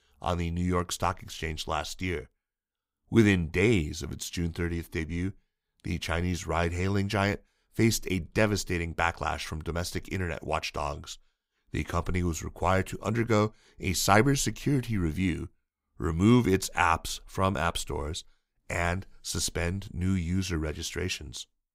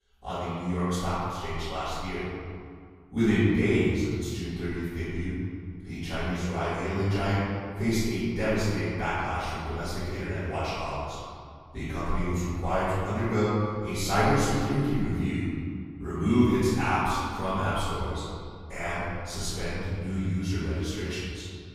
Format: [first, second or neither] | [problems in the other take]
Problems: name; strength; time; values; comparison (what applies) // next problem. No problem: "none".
first | off-mic speech; far // room echo; strong; dies away in 2 s